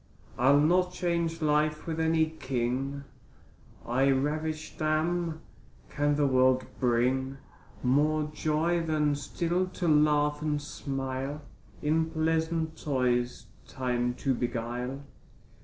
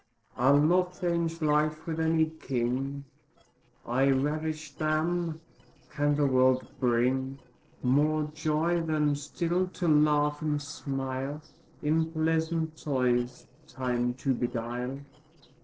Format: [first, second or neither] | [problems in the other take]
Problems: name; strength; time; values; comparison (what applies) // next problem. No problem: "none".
first | noise reduction (neural separator model SepFormer DNS4)